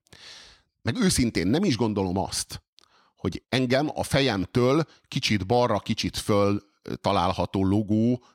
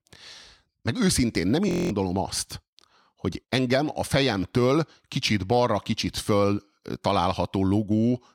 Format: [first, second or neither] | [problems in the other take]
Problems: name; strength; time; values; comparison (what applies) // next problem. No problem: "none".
first | audio freezing; at 1.5 s